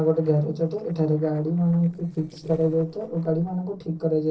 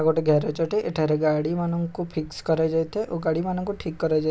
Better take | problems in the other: second | noise reduction (neural separator model SepFormer DNS4)

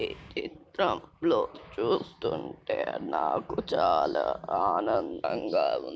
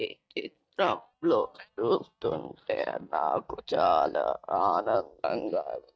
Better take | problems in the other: first | noise reduction (neural mask model DeepFilterNet 3)

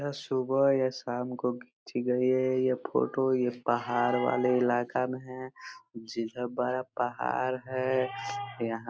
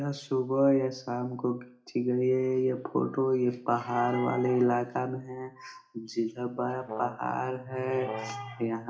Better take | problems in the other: first | background sound (Brass instrument); 11 dB below the speech // room echo; dies away in 0.4 s

